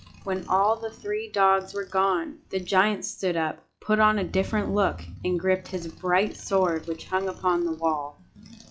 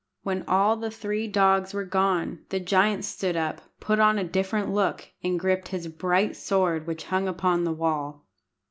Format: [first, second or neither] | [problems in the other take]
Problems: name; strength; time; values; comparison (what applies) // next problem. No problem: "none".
second | noise reduction (classical method log-MMSE)